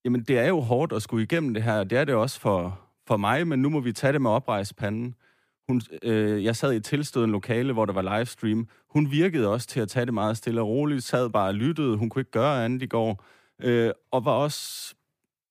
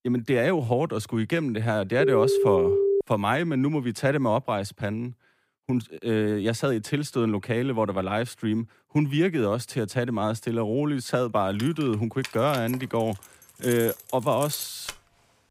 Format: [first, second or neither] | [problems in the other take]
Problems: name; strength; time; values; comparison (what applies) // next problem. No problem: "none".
first | phone ringing; loud; from 2 to 3 s; peak 4 dB above the speech // jangling keys; noticeable; from 12 to 15 s; peak 7 dB below the speech